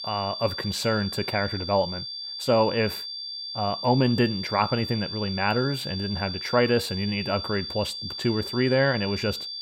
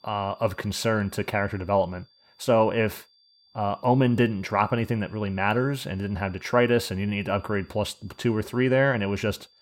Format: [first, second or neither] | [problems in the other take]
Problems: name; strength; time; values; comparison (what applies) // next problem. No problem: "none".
second | high-pitched whine; loud; throughout; 4.5 kHz, 6 dB below the speech; faint in the second